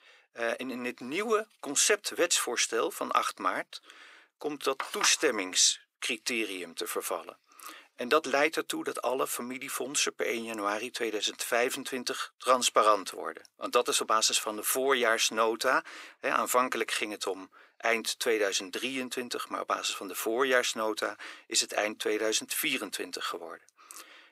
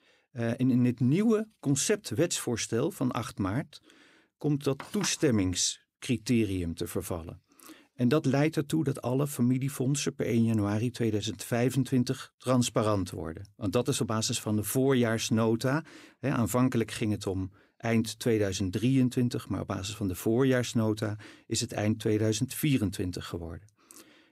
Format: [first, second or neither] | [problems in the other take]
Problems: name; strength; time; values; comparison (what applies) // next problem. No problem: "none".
second | thin; very; fading below 500 Hz